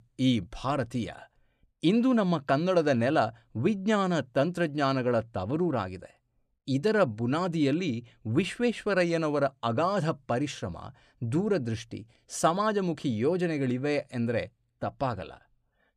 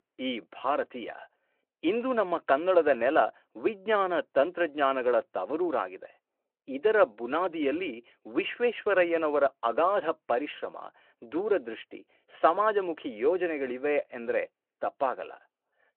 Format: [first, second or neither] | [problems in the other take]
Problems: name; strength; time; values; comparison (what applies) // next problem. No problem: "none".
first | phone-call audio